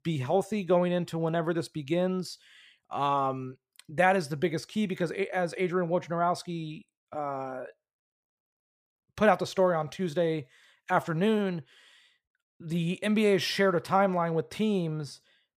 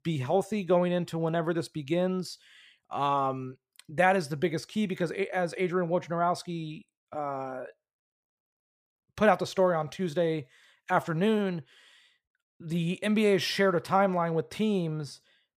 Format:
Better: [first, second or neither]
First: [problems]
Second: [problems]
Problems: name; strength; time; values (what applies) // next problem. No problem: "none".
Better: neither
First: none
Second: none